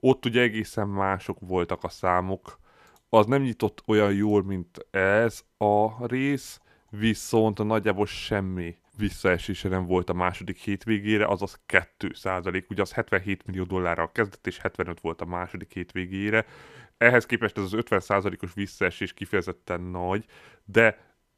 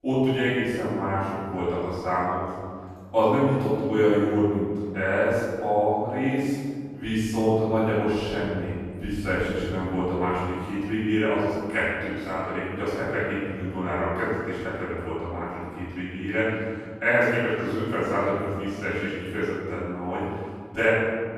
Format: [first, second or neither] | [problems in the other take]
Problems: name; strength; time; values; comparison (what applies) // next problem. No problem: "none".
first | room echo; strong; dies away in 1.9 s // off-mic speech; far